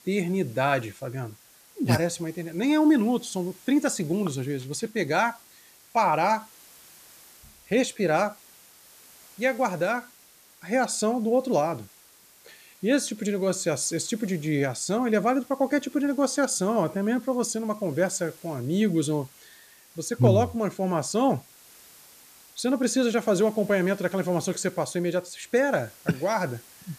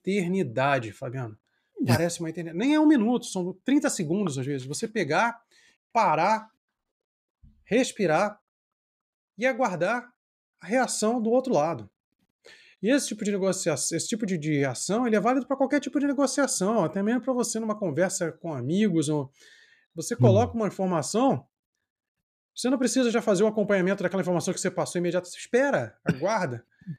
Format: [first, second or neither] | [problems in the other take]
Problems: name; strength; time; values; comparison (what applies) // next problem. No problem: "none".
second | hiss; faint; throughout; 25 dB below the speech